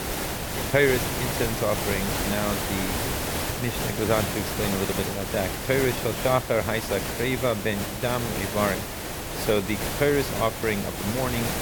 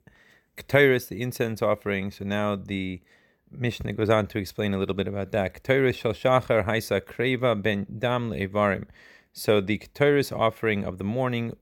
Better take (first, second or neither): second